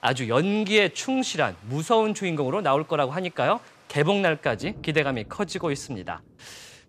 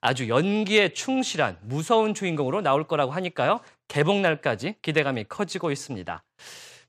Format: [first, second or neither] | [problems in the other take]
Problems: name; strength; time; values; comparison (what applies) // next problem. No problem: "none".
second | rain or running water; faint; throughout; 25 dB below the speech